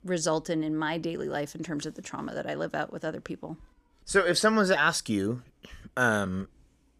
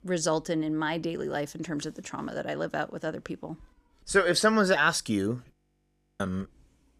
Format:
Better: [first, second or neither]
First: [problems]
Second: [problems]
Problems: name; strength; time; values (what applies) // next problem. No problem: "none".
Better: first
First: none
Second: audio freezing; at 5.5 s for 0.5 s